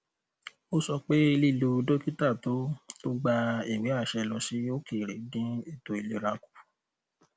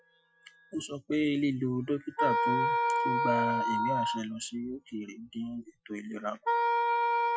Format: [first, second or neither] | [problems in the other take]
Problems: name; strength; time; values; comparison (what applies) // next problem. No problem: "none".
first | noise reduction (classical method Wiener filter)